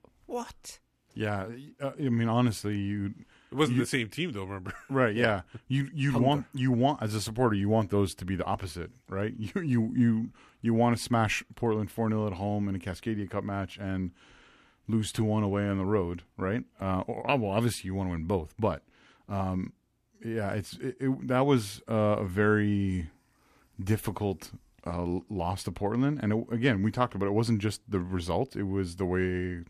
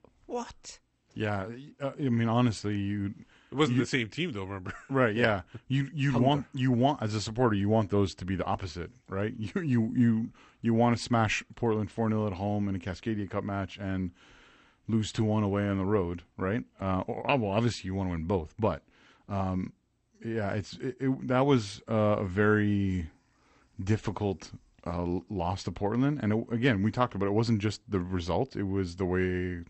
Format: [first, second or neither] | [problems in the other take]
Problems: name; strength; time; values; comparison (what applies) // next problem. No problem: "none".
first | garbled, watery; slightly; nothing above 8 kHz